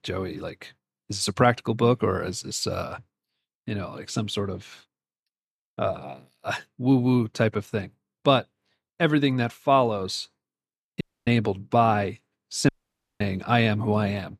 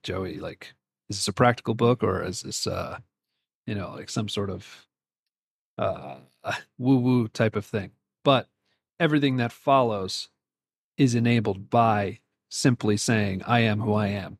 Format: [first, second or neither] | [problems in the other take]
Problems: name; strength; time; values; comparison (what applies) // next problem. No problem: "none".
second | audio cutting out; at 11 s and at 13 s for 0.5 s